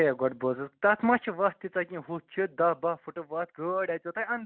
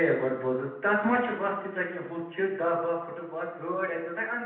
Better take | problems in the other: first | room echo; dies away in 0.9 s

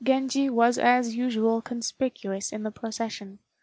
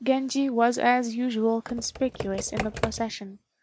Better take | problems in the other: first | background sound (Computer keyboard); 8 dB below the speech

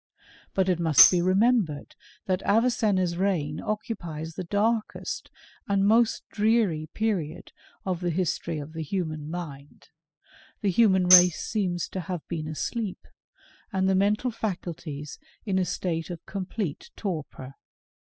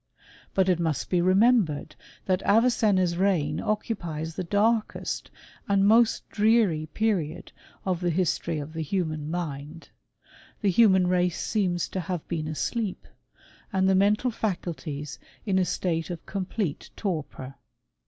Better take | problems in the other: second | noise reduction (classical method spectral subtraction)

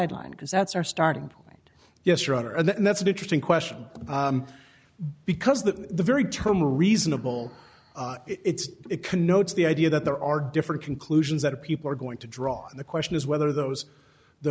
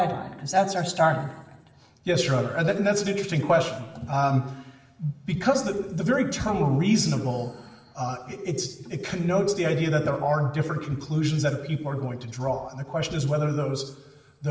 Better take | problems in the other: first | room echo; dies away in 1 s

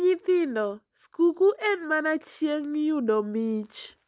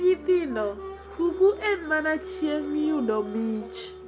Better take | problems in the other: first | background sound (Applause); 12 dB below the speech // room echo; dies away in 0.3 s

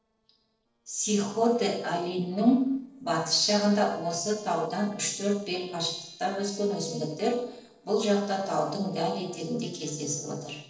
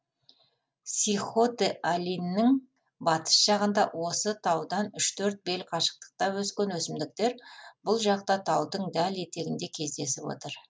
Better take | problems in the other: second | noise reduction (neural separator model SepFormer DNS4)

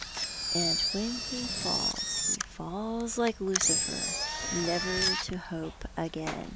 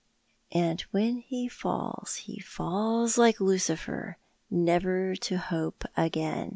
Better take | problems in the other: second | background sound (Engine); 3 dB above the speech

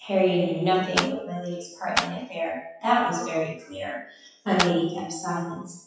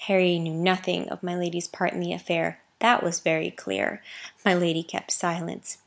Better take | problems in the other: second | noise reduction (classical method WPE with log-MMSE)

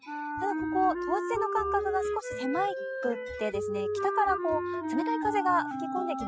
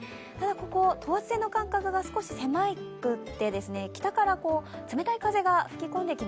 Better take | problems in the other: second | noise reduction (classical method spectral subtraction)

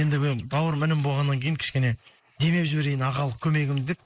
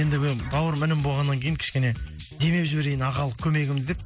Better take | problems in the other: second | noise reduction (neural mask model Resemble Enhance denoiser)

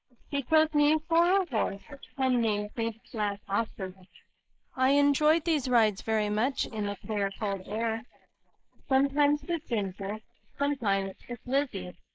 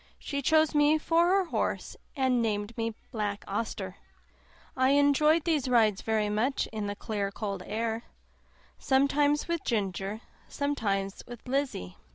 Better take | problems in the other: second | noise reduction (neural mask model Resemble Enhance denoiser)

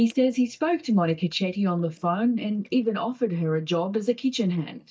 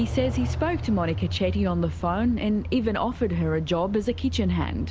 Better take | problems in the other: second | noise reduction (neural mask model DeepFilterNet 3)

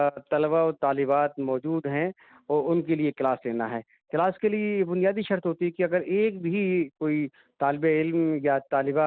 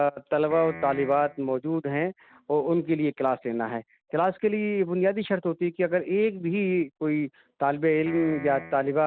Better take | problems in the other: first | background sound (Piano); 14 dB below the speech

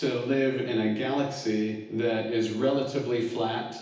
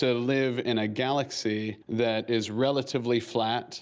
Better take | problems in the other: second | room echo; dies away in 0.9 s

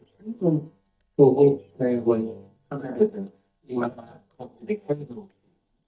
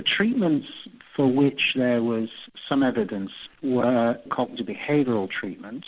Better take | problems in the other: second | noise reduction (neural mask model DeepFilterNet 3)

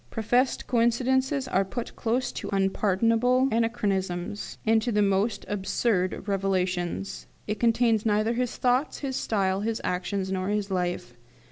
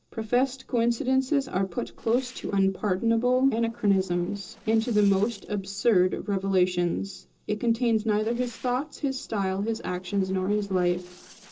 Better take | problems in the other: first | noise reduction (neural separator model SepFormer DNS4)

